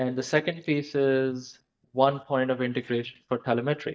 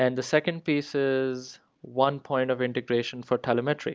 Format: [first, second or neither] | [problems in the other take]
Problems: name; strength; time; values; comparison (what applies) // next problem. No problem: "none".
second | noise reduction (neural mask model DeepFilterNet 3)